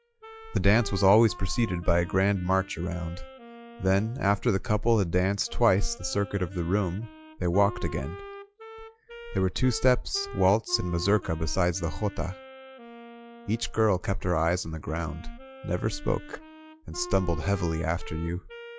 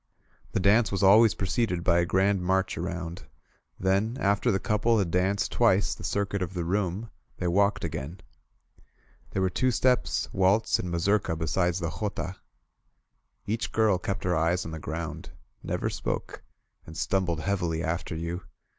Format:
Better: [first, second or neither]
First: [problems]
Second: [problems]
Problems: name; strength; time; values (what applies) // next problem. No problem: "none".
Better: second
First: noise reduction (classical method log-MMSE)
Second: none